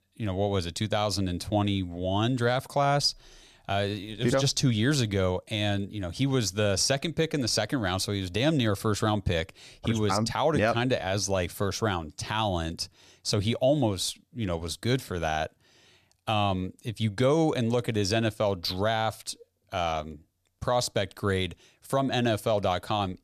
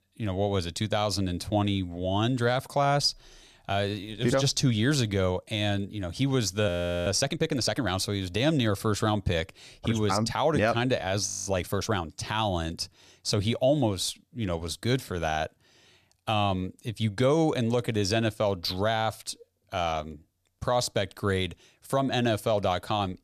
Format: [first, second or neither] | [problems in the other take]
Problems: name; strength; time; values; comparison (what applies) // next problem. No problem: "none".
first | audio freezing; at 6.5 s and at 11 s